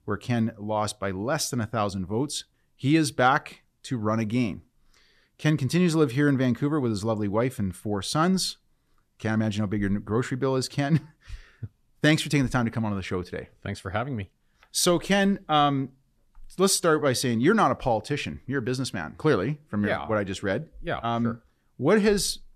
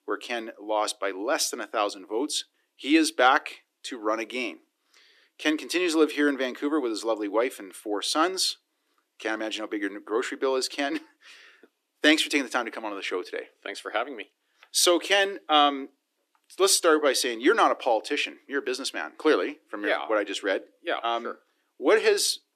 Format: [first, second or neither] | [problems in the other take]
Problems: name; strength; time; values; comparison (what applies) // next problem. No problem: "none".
first | thin; somewhat; fading below 300 Hz